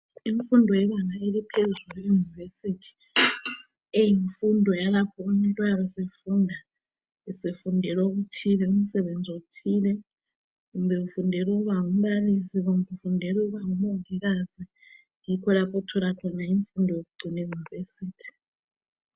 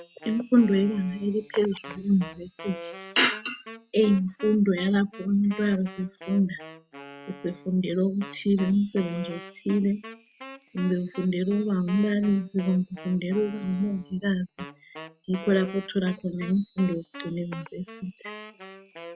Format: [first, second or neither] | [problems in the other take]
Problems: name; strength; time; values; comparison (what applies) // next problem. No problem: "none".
first | background sound (Chime + Wind instrument, woodwind instrument); 17 dB below the speech